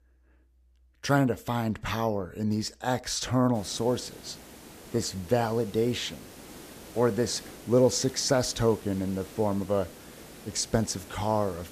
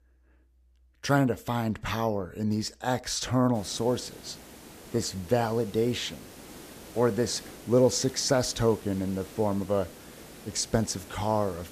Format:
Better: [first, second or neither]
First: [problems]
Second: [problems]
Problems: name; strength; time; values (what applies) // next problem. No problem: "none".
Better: neither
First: hiss; noticeable; from 3.5 s on; 20 dB below the speech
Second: hiss; noticeable; from 3.5 s on; 20 dB below the speech